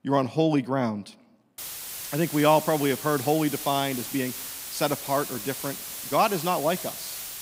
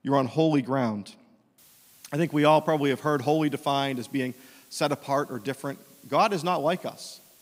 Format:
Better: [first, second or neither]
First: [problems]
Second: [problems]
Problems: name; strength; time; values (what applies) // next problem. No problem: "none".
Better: second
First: hiss; loud; from 1.5 s on; 8 dB below the speech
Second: hiss; faint; from 1.5 s on; 25 dB below the speech